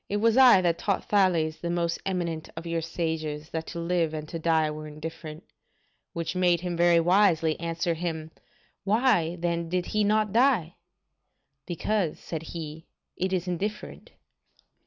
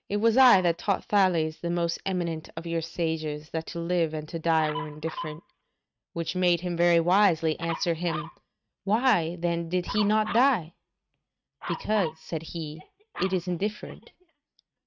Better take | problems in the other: first | noise reduction (neural mask model RNNoise)

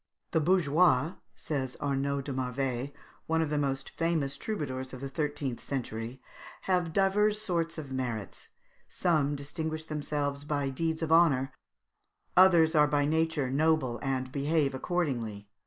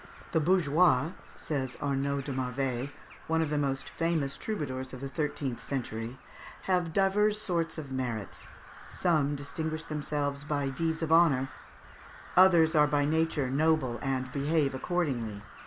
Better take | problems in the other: first | background sound (Crow); 19 dB below the speech

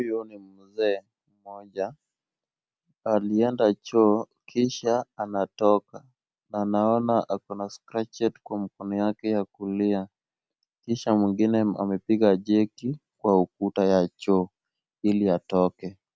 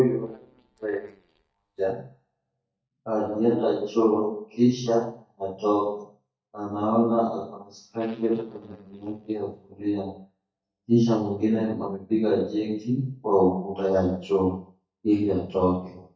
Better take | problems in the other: first | noise reduction (neural mask model DeepFilterNet 3)

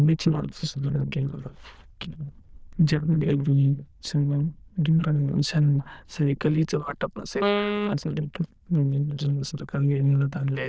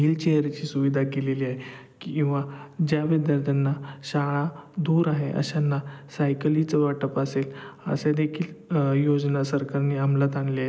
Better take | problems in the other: second | noise reduction (neural diffusion model UNIVERSE++)

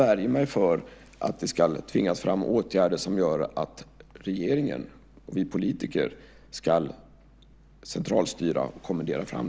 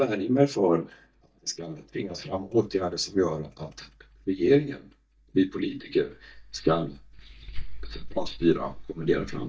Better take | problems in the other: first | noise reduction (neural mask model DeepFilterNet 3)

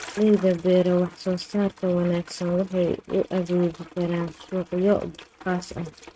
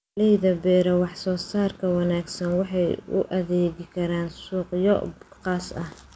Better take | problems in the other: second | noise reduction (neural mask model RNNoise)

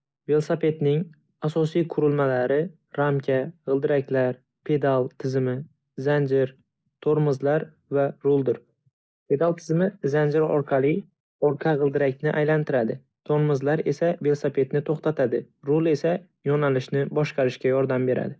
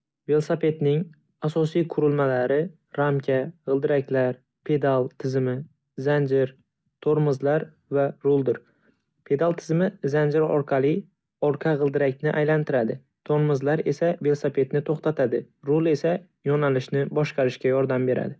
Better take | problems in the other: second | noise reduction (neural mask model Resemble Enhance denoiser)

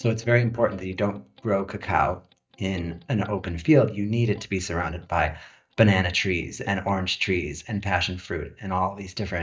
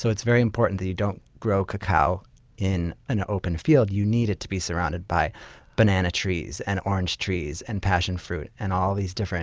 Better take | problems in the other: second | noise reduction (neural mask model DeepFilterNet 3)

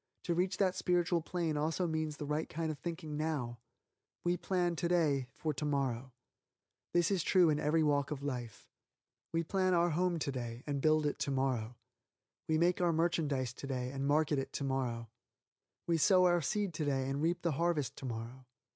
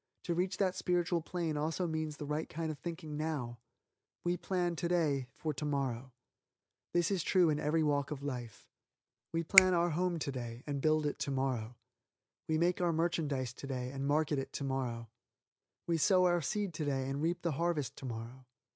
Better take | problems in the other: first | background sound (Finger snapping); 3 dB below the speech

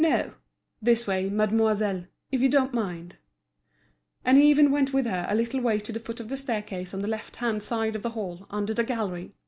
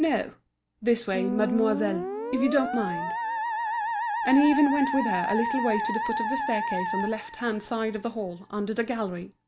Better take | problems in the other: first | background sound (Musical instrument); 4 dB below the speech

